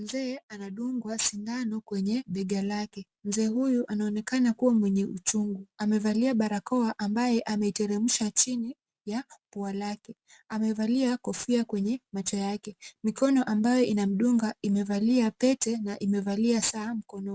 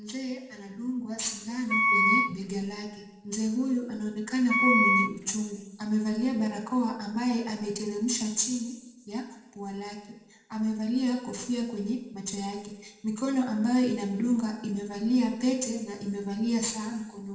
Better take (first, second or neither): first